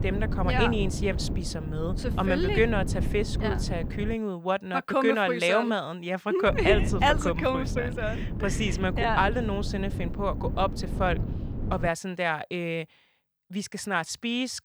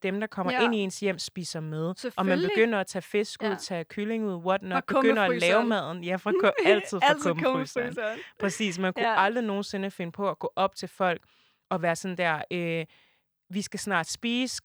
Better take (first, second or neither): second